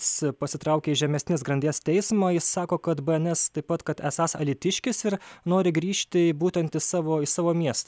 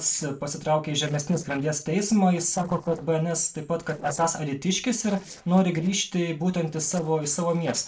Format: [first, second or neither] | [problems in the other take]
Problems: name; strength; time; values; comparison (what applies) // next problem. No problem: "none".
first | noise reduction (neural separator model SepFormer DNS4)